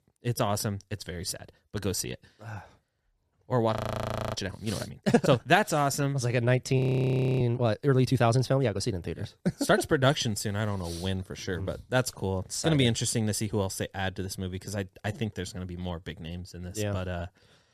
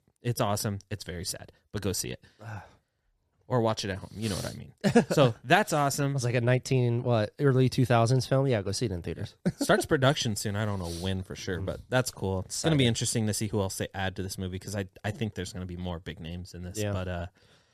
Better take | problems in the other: second | audio freezing; at 4 s for 0.5 s and at 7 s for 0.5 s

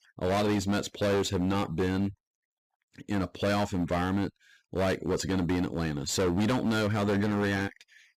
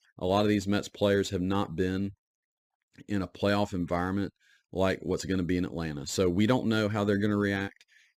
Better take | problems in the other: second | distortion; heavy; 17% of the sound clipped

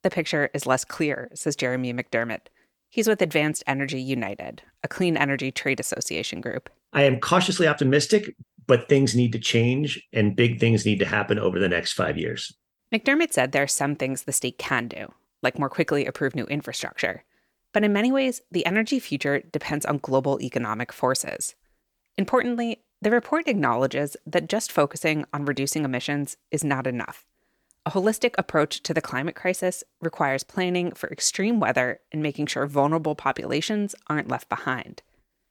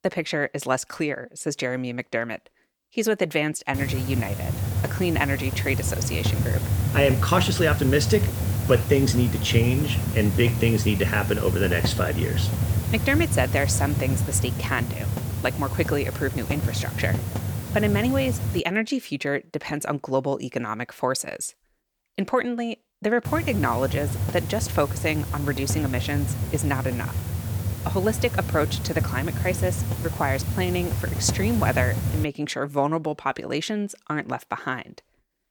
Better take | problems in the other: first | hiss; loud; from 3.5 to 19 s and from 23 to 32 s; 1 dB below the speech

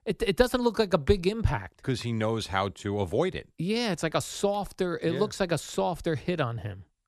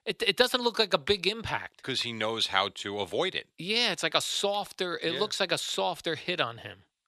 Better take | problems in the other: first | thin; somewhat; fading below 600 Hz

